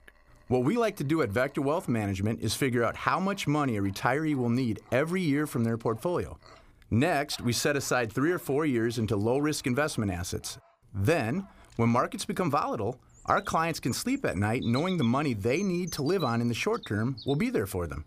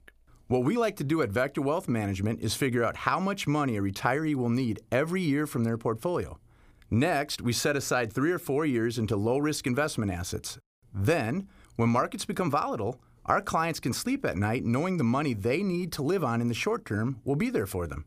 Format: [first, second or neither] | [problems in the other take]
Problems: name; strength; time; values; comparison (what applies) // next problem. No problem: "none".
second | animal sounds; faint; throughout; 20 dB below the speech